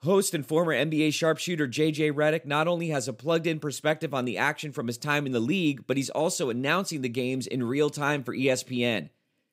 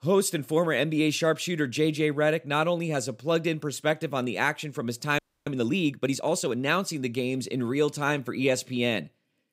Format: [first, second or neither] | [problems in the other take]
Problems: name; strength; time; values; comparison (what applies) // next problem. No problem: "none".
first | audio freezing; at 5 s